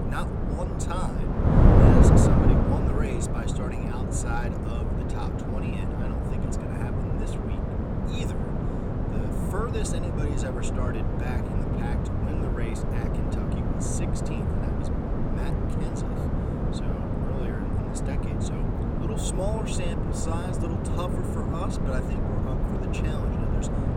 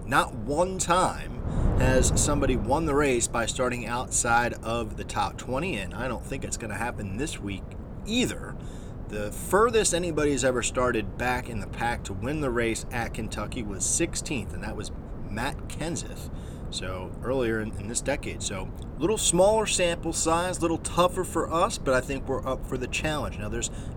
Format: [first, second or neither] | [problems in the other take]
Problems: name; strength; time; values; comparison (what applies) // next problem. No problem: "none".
second | wind noise on the microphone; heavy; 5 dB above the speech; occasional gusts in the second